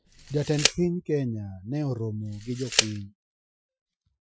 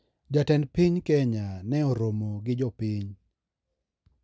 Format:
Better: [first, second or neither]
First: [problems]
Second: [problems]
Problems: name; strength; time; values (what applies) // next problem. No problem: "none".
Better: second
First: noise reduction (classical method Wiener filter)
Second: none